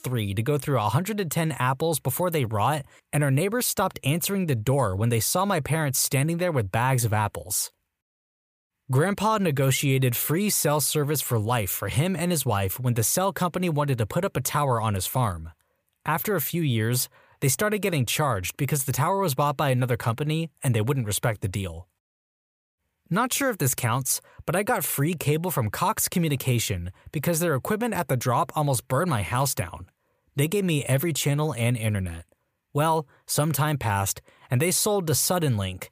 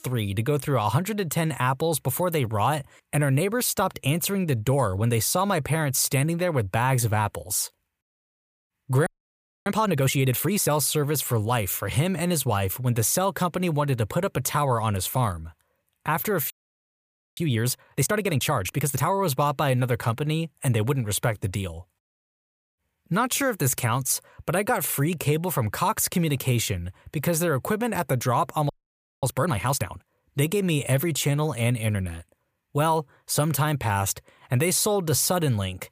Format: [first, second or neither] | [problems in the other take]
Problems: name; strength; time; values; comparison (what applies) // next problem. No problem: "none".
first | audio freezing; at 9 s for 0.5 s, at 17 s for 1 s and at 29 s for 0.5 s